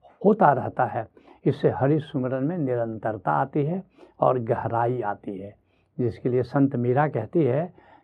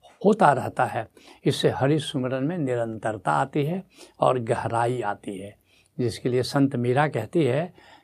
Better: second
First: muffled; very; fading above 3 kHz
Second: none

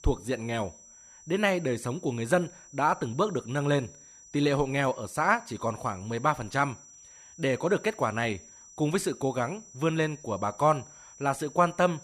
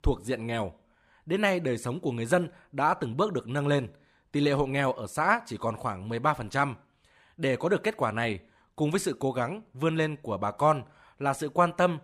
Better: second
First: high-pitched whine; faint; throughout; 6 kHz, 20 dB below the speech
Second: none

